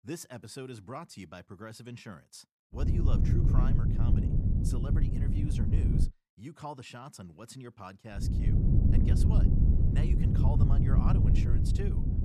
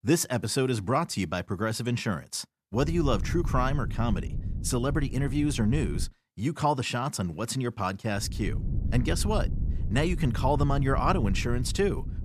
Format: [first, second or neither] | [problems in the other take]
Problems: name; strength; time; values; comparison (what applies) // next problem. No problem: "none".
second | wind noise on the microphone; heavy; from 3 to 6 s and from 8 s on; 4 dB above the speech; occasional gusts in the second